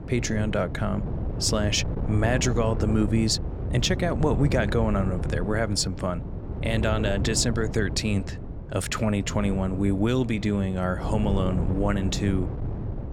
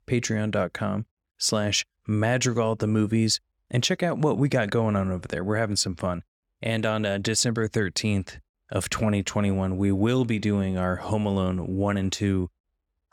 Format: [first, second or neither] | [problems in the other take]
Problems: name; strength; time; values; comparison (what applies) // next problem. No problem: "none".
second | wind noise on the microphone; occasional gusts; 10 dB below the speech